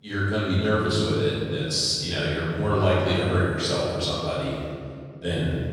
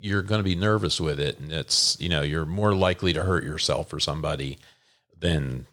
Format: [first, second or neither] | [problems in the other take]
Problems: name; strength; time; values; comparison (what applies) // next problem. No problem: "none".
second | room echo; strong; dies away in 2.2 s // off-mic speech; far